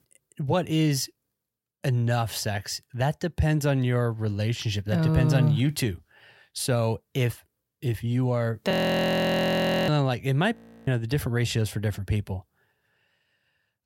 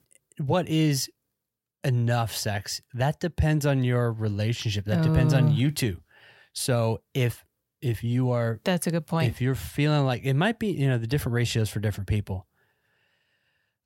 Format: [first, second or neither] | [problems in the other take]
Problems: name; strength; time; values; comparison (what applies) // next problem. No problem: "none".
second | audio freezing; at 8.5 s for 1 s and at 11 s